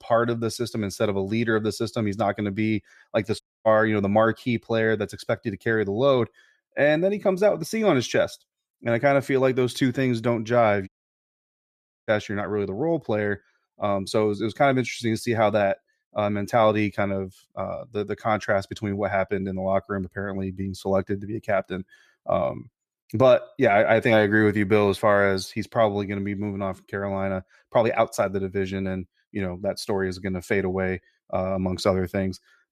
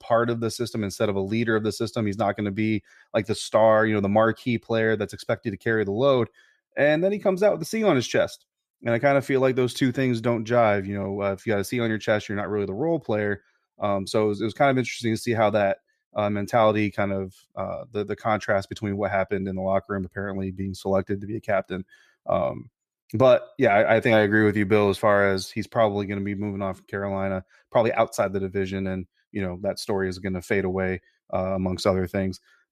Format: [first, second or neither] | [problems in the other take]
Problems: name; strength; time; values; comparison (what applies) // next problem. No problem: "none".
second | audio cutting out; at 3.5 s and at 11 s for 1 s